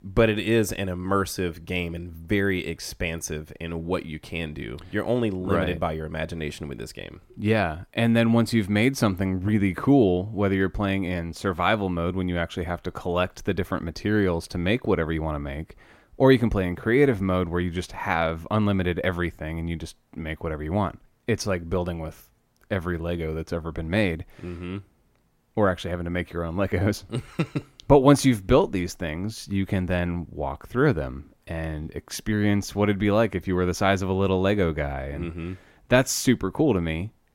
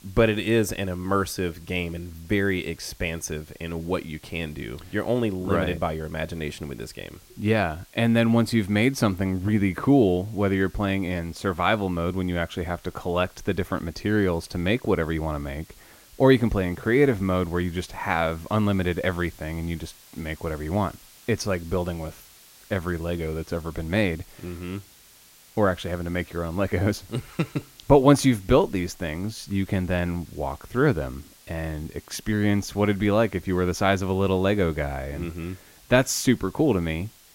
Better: first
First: none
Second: hiss; faint; throughout; 25 dB below the speech

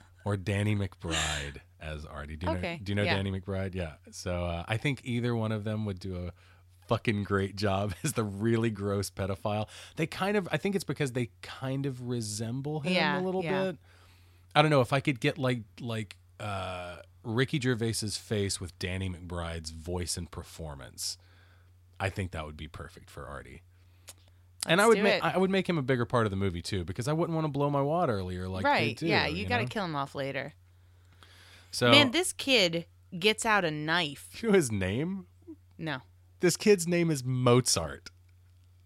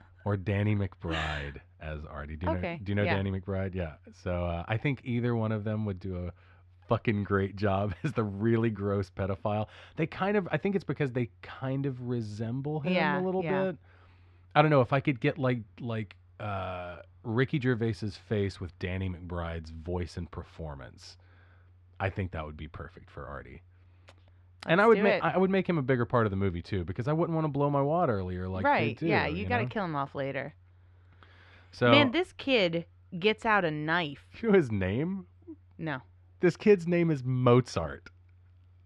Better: first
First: none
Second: muffled; slightly; fading above 2.5 kHz

